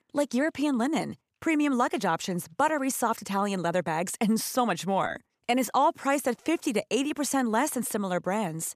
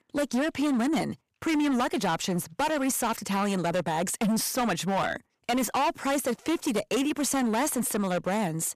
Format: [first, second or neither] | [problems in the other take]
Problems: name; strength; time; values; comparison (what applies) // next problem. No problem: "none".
first | distortion; heavy; 18% of the sound clipped